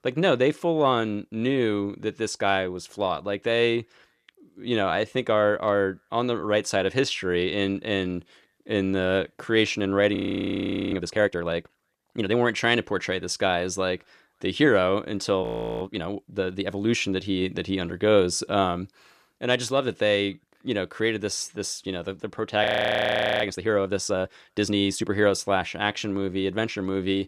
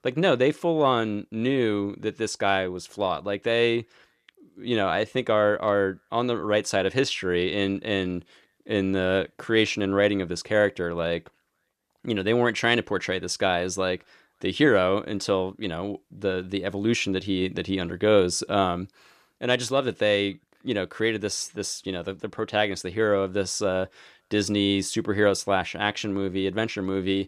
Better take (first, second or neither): second